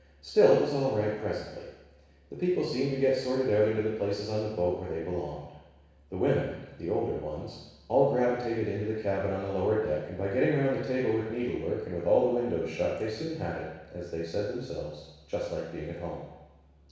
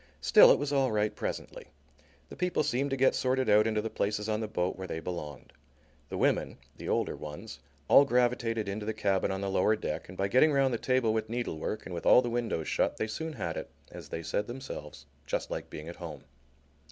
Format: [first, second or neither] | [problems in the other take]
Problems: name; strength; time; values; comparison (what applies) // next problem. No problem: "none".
second | room echo; dies away in 1.1 s